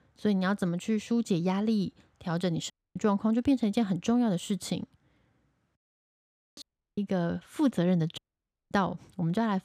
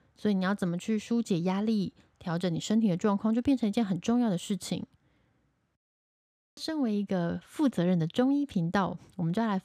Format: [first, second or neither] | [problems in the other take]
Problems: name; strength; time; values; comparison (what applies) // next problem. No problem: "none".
second | audio cutting out; at 2.5 s, at 6.5 s and at 8 s for 0.5 s